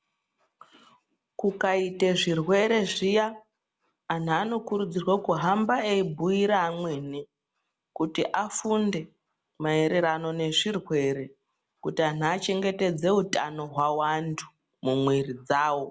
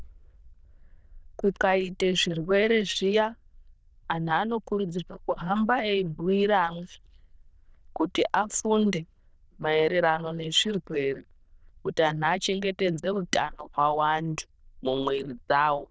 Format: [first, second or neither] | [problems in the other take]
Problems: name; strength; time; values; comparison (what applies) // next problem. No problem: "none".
first | noise reduction (neural diffusion model UNIVERSE++)